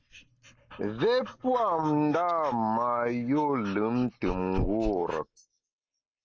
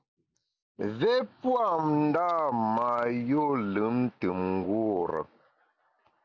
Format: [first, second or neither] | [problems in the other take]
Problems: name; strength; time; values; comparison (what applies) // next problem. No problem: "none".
second | noise reduction (neural mask model Resemble Enhance denoiser)